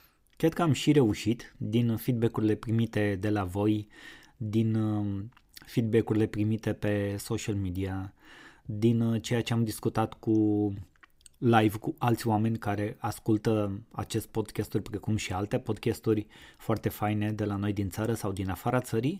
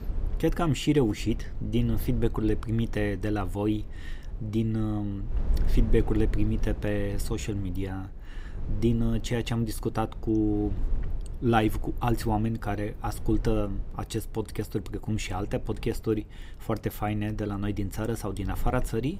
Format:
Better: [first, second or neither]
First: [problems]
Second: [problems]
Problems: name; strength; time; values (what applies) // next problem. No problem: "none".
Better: first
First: none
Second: low rumble; noticeable; throughout; 20 dB below the speech